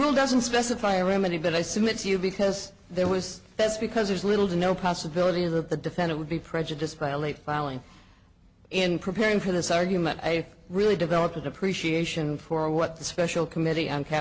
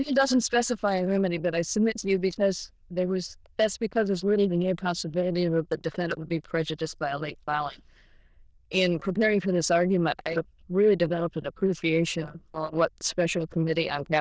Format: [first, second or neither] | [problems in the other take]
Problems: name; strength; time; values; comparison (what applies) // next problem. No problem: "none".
first | noise reduction (neural diffusion model UNIVERSE++)